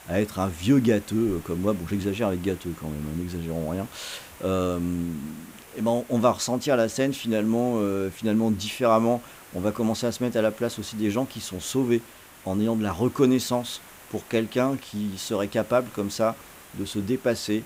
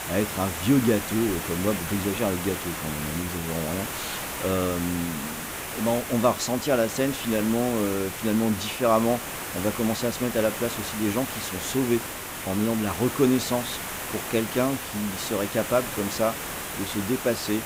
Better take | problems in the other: first | hiss; loud; throughout; 5 dB below the speech; faint in the first

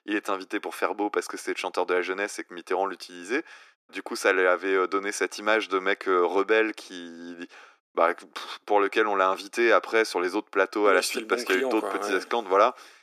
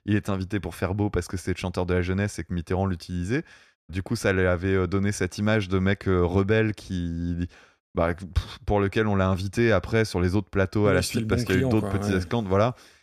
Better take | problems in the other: second | thin; very; fading below 300 Hz

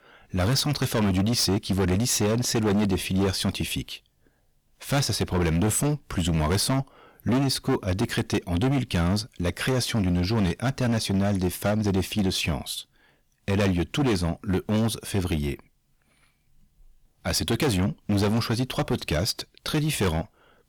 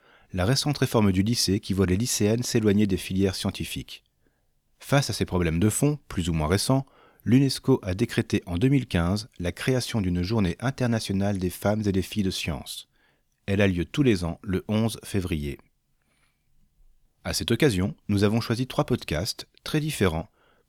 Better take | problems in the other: second | distortion; heavy; 15% of the sound clipped

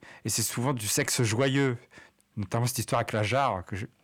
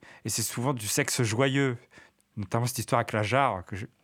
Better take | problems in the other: second | distortion; slight; 10 dB below the speech

